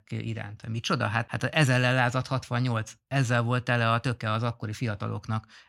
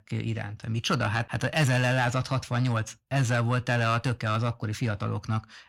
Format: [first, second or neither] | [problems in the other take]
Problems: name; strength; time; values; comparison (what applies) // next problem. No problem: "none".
first | distortion; slight; 10 dB below the speech